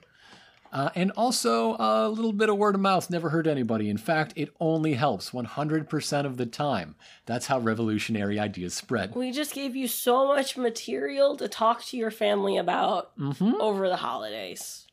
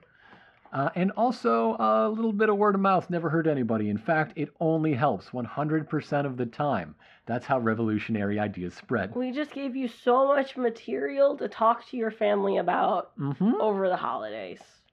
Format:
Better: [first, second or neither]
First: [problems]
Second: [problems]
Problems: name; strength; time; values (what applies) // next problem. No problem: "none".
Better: first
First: none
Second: muffled; very; fading above 2 kHz